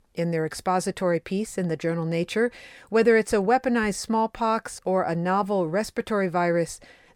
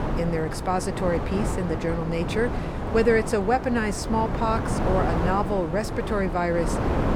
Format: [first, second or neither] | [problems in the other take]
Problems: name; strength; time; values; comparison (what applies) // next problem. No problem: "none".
first | wind noise on the microphone; heavy; 5 dB below the speech